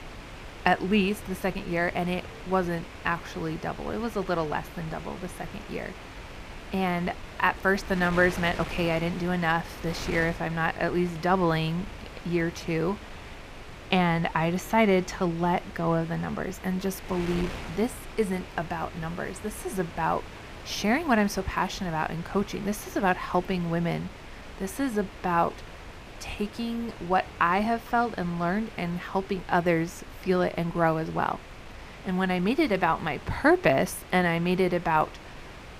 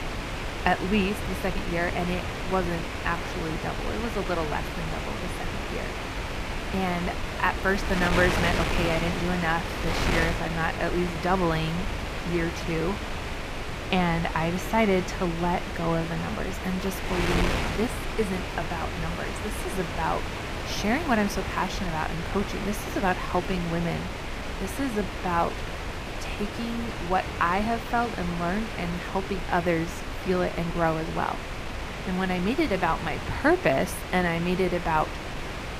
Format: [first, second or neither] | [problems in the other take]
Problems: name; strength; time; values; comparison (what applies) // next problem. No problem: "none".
first | wind noise on the microphone; heavy; 4 dB below the speech; occasional gusts in the first